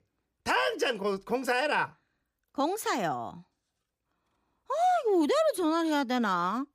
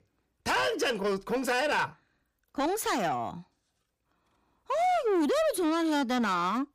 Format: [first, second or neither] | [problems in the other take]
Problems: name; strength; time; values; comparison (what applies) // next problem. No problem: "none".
first | distortion; slight; 10 dB below the speech